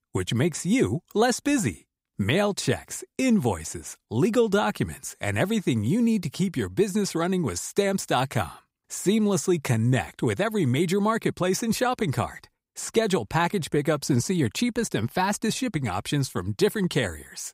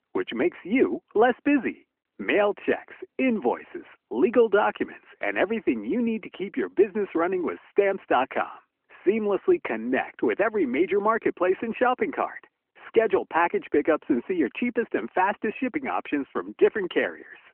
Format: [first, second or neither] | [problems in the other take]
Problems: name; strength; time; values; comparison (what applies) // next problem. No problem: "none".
first | phone-call audio